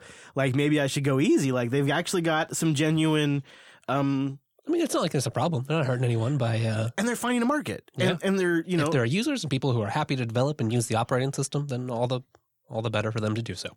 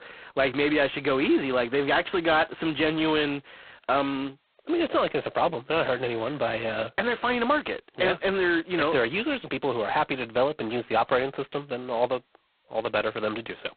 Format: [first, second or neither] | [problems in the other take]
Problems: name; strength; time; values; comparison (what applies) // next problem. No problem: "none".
first | phone-call audio; poor line; nothing above 4 kHz